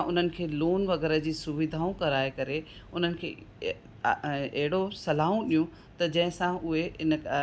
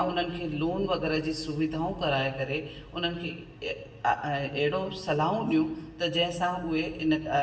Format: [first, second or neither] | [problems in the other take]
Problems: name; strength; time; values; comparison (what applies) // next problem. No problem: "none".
first | room echo; dies away in 1 s